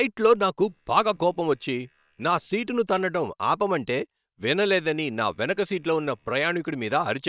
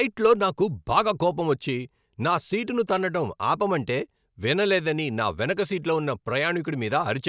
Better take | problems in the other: second | noise reduction (neural separator model SepFormer WHAM!)

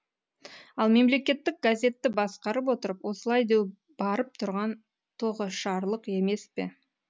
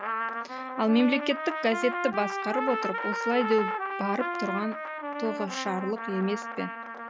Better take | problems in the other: first | background sound (Trumpet); 4 dB below the speech

